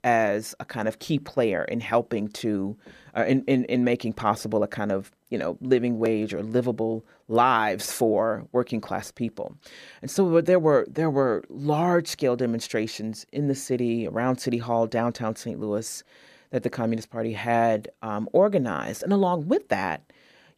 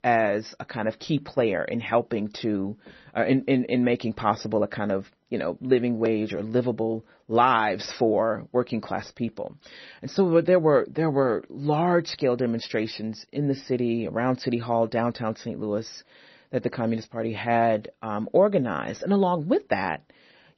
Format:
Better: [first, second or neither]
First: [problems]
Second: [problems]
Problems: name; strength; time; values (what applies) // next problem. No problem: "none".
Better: first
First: none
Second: garbled, watery; slightly; nothing above 6 kHz